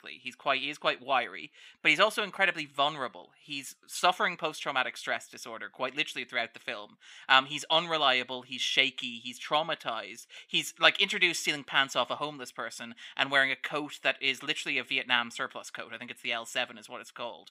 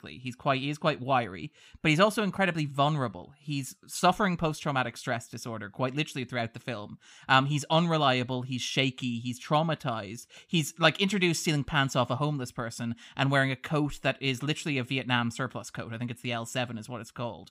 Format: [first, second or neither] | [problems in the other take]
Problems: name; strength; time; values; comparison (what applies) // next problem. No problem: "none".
second | thin; somewhat; fading below 400 Hz